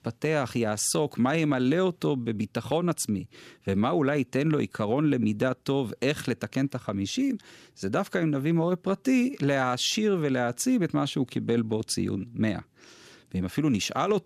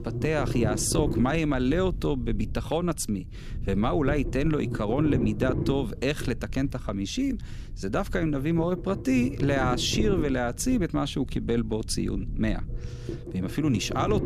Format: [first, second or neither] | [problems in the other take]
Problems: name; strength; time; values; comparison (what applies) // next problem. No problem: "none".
first | low rumble; loud; throughout; 9 dB below the speech